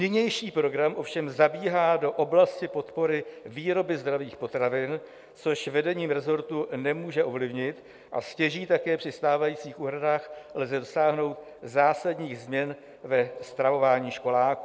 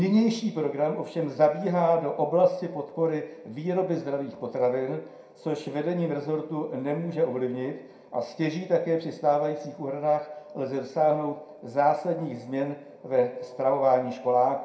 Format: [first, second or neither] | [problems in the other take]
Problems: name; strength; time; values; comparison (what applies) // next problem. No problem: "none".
first | room echo; dies away in 0.5 s